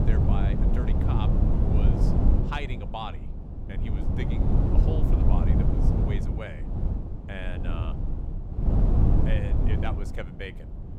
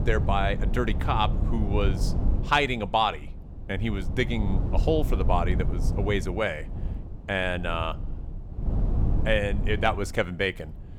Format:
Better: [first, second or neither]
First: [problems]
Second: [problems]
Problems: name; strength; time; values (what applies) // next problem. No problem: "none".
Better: second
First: wind noise on the microphone; heavy; 2 dB above the speech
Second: wind noise on the microphone; occasional gusts; 15 dB below the speech